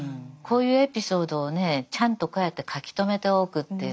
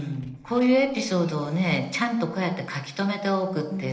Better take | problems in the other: first | noise reduction (neural separator model SepFormer DNS4)

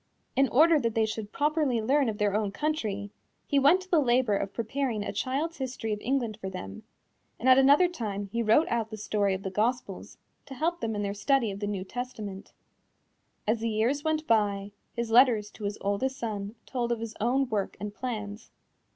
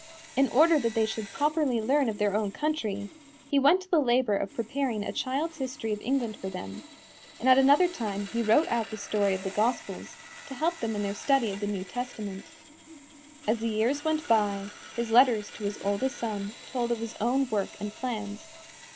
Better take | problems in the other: first | background sound (Sawing); 18 dB below the speech

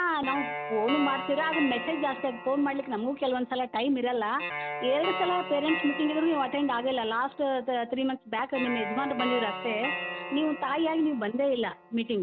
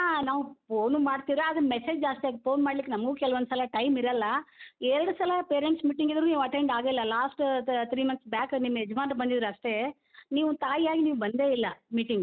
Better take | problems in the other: second | background sound (Guitar); 8 dB below the speech

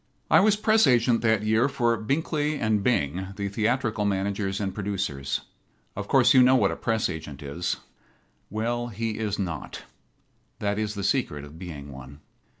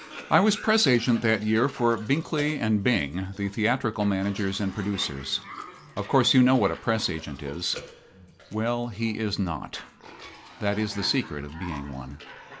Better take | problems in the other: first | background sound (Cough); 18 dB below the speech

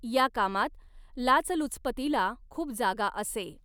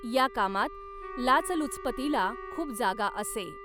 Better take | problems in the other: first | background sound (Wind instrument, woodwind instrument + Wind instrument, woodwind instrument); 12 dB below the speech

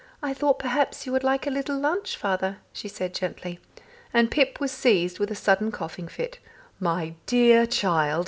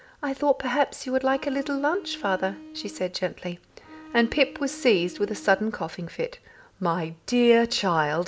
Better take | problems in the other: first | background sound (Bowed string instrument); 18 dB below the speech

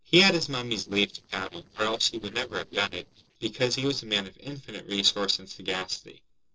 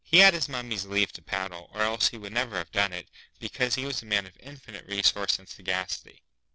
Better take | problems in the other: second | noise reduction (neural separator model SepFormer DNS4)

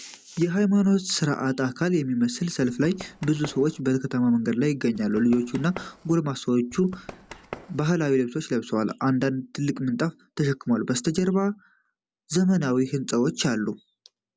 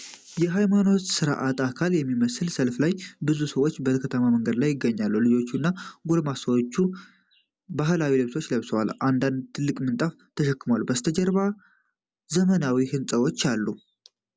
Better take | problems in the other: second | background sound (Run); 18 dB below the speech

